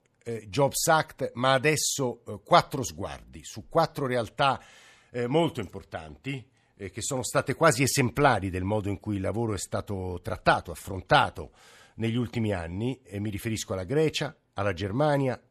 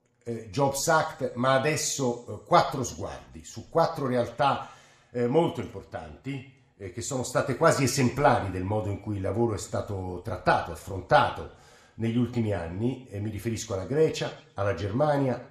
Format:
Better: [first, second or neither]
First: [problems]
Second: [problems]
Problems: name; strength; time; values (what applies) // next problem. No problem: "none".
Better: first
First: none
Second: room echo; very slight; dies away in 0.5 s